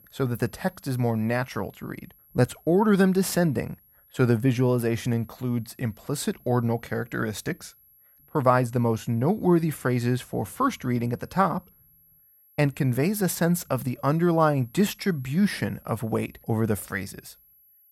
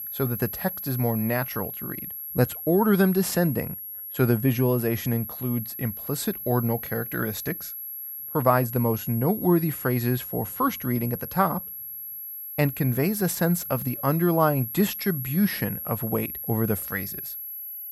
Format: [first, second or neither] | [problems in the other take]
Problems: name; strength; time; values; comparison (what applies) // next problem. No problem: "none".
first | high-pitched whine; loud; throughout; 11.5 kHz, 7 dB below the speech; faint in the first